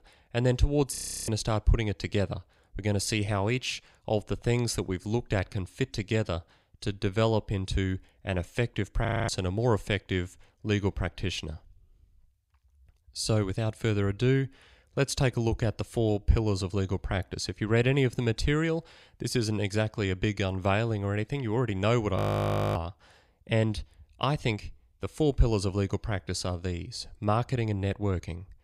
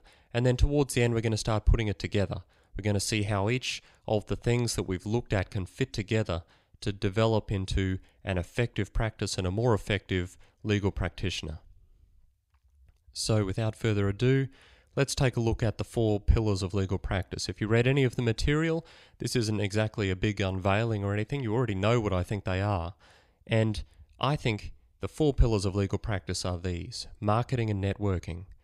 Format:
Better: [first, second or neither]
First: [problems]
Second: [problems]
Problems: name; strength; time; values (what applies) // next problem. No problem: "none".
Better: second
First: audio freezing; at 1 s, at 9 s and at 22 s for 0.5 s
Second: none